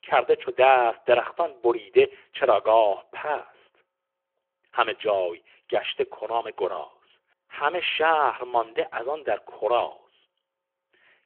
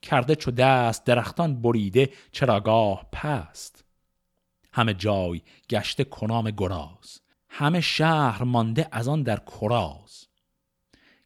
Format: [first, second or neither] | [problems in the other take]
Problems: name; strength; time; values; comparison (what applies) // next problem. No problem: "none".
second | phone-call audio